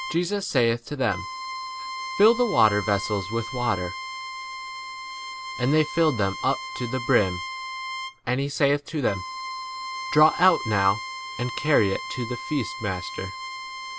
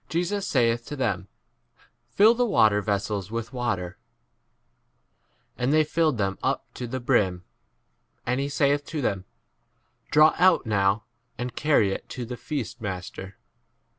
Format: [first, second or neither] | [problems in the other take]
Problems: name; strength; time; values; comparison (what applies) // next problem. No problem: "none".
second | background sound (Bowed string instrument); 9 dB below the speech